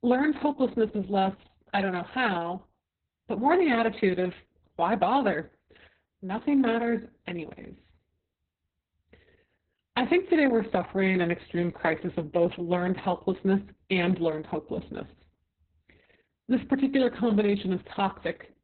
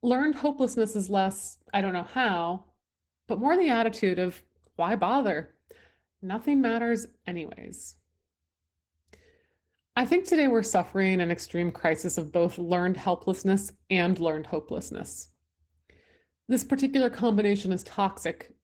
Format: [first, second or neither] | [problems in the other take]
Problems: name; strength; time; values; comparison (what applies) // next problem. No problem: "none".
second | garbled, watery; badly; nothing above 4 kHz; slightly in the second